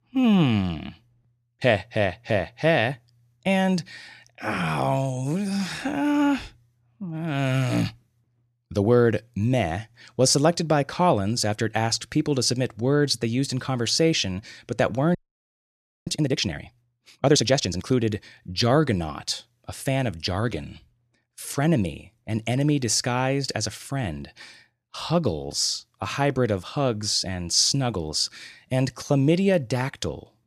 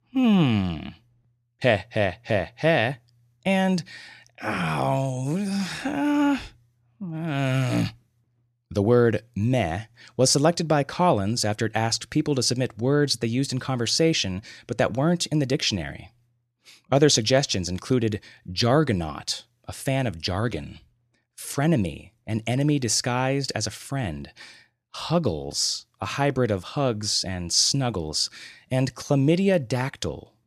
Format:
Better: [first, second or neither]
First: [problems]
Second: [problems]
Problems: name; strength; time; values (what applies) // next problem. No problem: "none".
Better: second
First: audio freezing; at 15 s for 1 s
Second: none